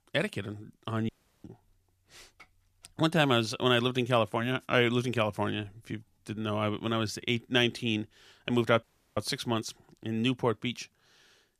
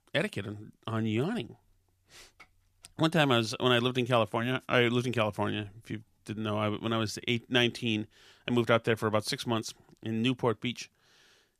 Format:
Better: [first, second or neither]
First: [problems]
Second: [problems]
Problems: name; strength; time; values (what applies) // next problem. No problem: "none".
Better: second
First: audio cutting out; at 1 s and at 9 s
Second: none